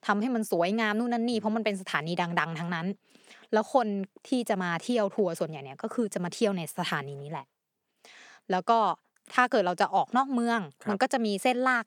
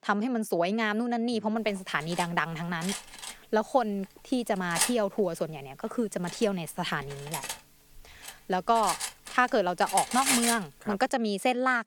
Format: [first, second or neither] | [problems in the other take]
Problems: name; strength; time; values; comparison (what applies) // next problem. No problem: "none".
first | clattering dishes; loud; from 2 to 11 s; peak 4 dB above the speech